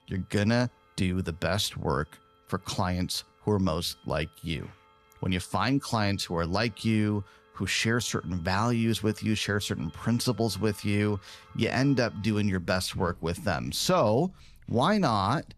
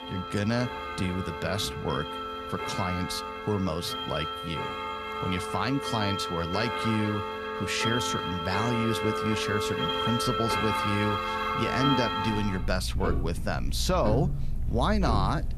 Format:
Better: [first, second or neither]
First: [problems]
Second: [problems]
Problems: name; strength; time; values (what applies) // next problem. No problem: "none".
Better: first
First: household noises; faint; throughout; 30 dB below the speech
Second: household noises; loud; throughout; 1 dB below the speech